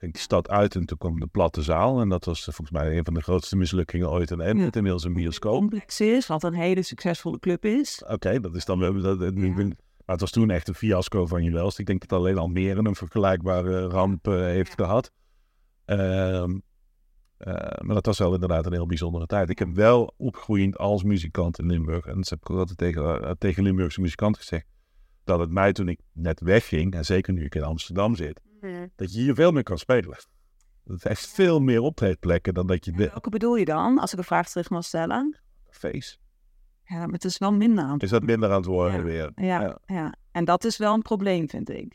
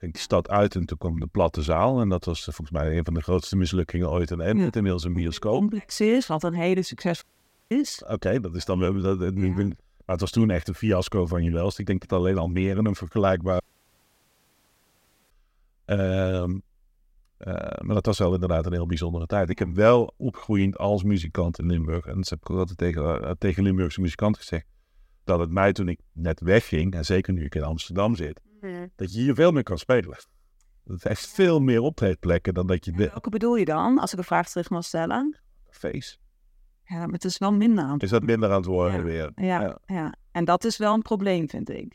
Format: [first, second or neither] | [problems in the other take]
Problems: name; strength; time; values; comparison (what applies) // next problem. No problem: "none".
first | audio cutting out; at 7 s and at 14 s for 1.5 s